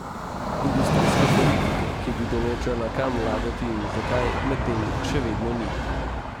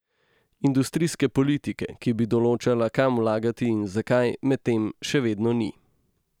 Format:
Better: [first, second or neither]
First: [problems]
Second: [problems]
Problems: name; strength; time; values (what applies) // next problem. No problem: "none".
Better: second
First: background sound (Train); 4 dB above the speech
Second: none